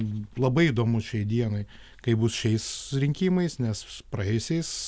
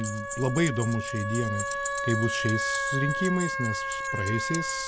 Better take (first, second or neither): first